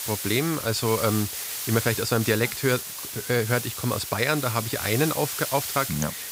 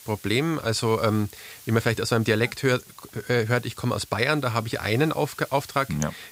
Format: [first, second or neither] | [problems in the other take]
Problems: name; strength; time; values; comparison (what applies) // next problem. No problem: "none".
second | hiss; loud; throughout; 5 dB below the speech; faint in the second